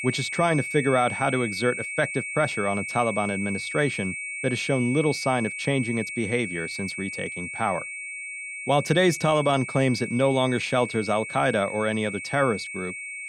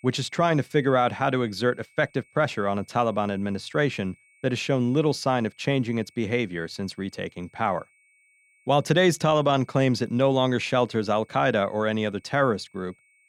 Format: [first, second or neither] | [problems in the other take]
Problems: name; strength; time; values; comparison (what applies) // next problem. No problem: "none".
second | high-pitched whine; loud; throughout; 2 kHz, 6 dB below the speech; faint in the second